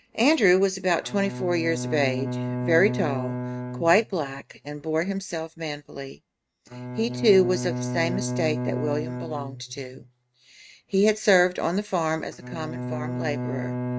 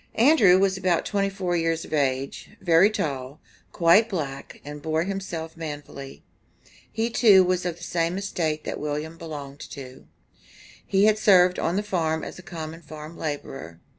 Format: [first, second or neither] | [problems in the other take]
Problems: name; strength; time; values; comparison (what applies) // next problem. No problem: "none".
second | noise reduction (neural mask model RNNoise)